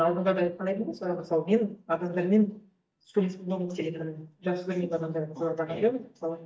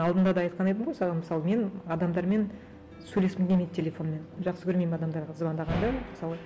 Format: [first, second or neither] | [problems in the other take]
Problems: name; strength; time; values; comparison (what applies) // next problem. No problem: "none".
second | noise reduction (neural mask model DeepFilterNet 3)